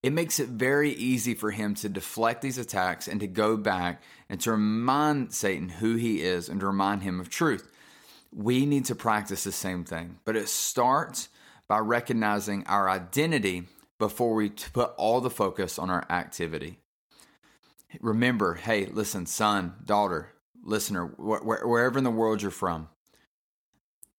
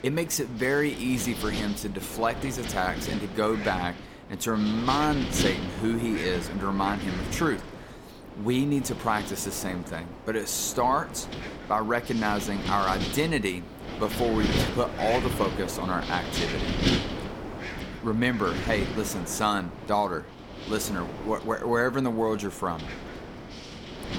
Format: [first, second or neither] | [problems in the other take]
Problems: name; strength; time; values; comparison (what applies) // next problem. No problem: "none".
first | wind noise on the microphone; heavy; 7 dB below the speech